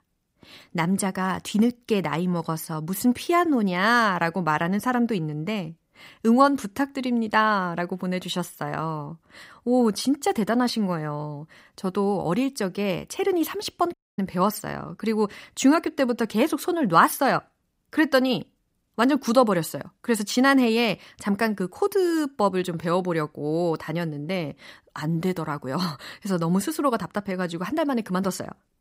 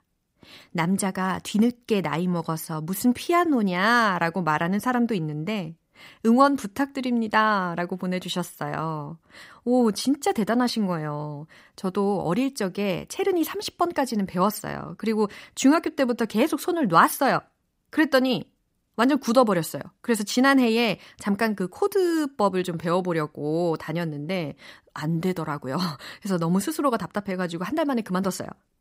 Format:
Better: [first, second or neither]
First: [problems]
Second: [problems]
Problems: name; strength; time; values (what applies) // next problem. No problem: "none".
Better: second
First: audio cutting out; at 14 s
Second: none